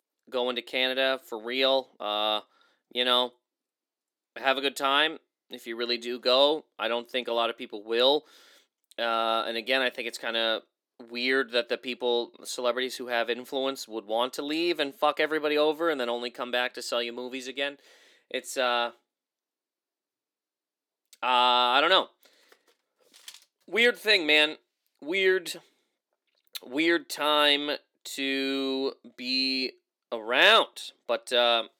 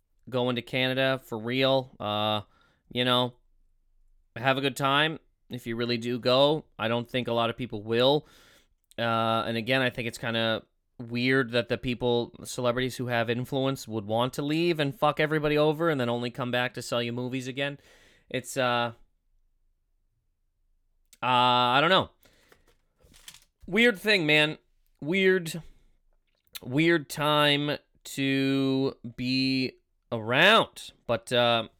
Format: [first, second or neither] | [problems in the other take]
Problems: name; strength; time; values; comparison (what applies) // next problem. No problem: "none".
second | thin; somewhat; fading below 300 Hz